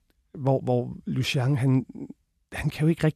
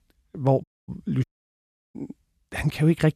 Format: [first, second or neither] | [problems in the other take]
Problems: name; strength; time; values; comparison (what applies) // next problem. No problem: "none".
first | audio cutting out; at 0.5 s and at 1 s for 0.5 s